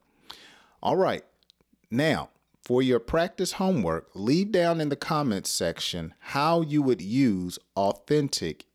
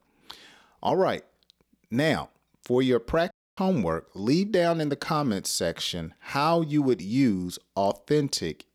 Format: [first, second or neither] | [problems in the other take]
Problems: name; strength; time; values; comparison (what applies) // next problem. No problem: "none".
first | audio cutting out; at 3.5 s